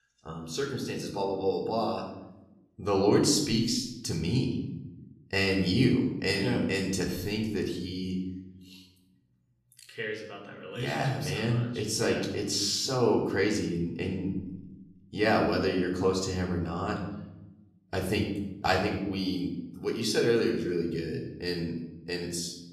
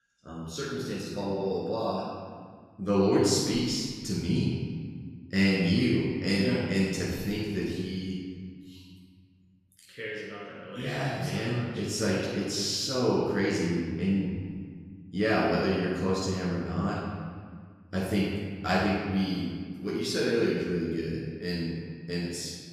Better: first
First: room echo; slight; dies away in 0.8 s // off-mic speech; far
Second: room echo; strong; dies away in 1.8 s // off-mic speech; far

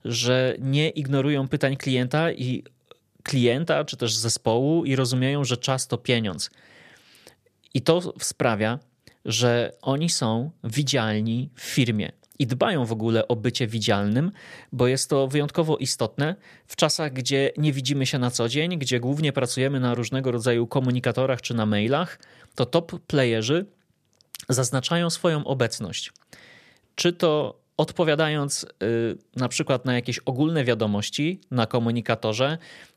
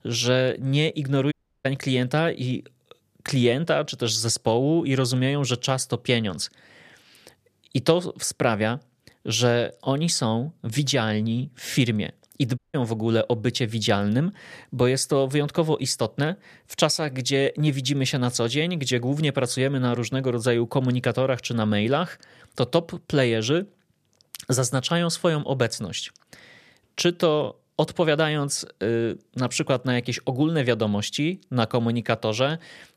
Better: first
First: none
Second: audio cutting out; at 1.5 s and at 13 s

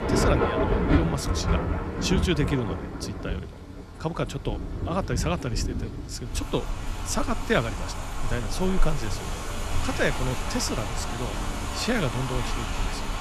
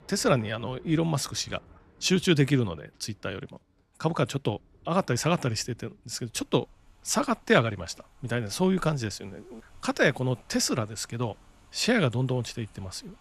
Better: second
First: rain or running water; loud; throughout; as loud as the speech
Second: rain or running water; faint; throughout; 30 dB below the speech

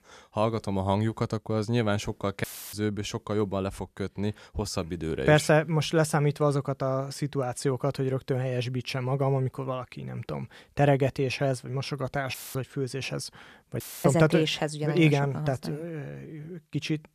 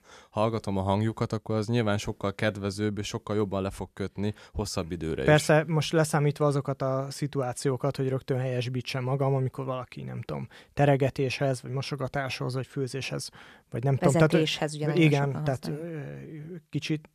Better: second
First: audio cutting out; filled with static; at 2.5 s, at 12 s and at 14 s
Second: none

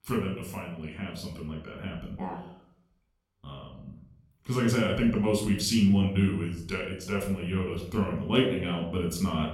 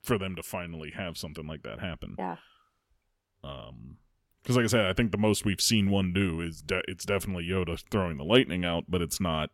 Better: second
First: off-mic speech; somewhat distant // room echo; noticeable; dies away in 0.6 s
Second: none

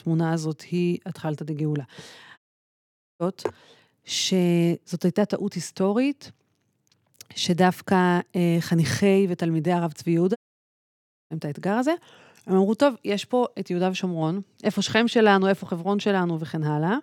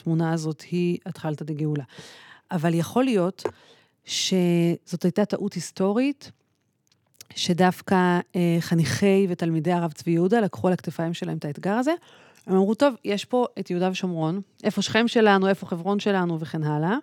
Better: second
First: audio cutting out; at 2.5 s for 1 s and at 10 s for 1 s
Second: none

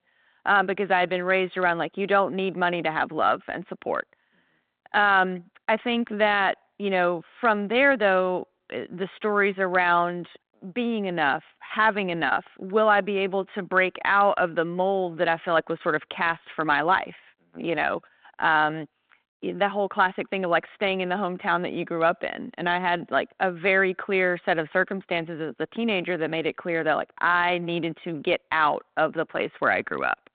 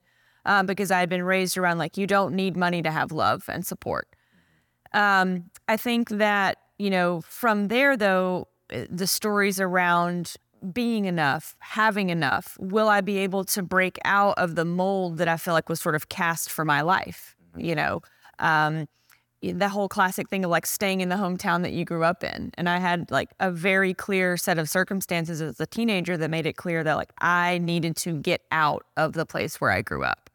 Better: second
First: phone-call audio; nothing above 3.5 kHz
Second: none

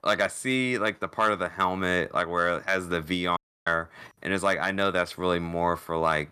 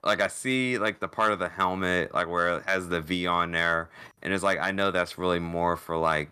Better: second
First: audio cutting out; at 3.5 s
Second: none

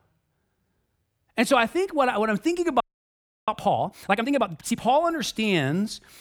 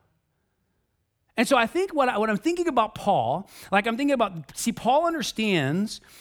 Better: second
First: audio freezing; at 3 s for 0.5 s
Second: none

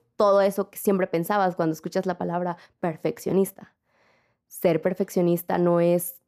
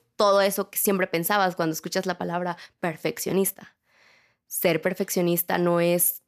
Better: second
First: muffled; slightly; fading above 1.5 kHz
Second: none

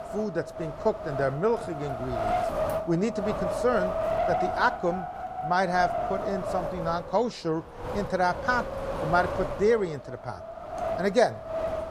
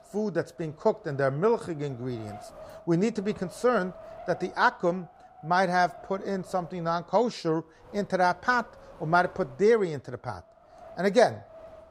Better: second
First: wind noise on the microphone; heavy; 3 dB below the speech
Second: wind noise on the microphone; occasional gusts; 20 dB below the speech

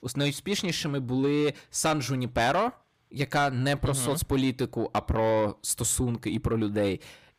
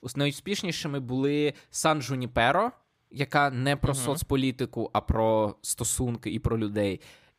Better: second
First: distortion; slight; 10 dB below the speech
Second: none

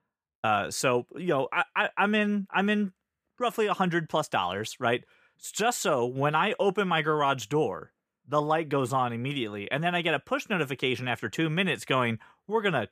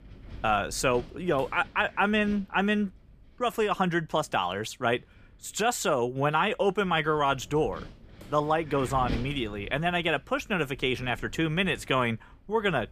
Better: first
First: none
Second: wind noise on the microphone; occasional gusts; 20 dB below the speech

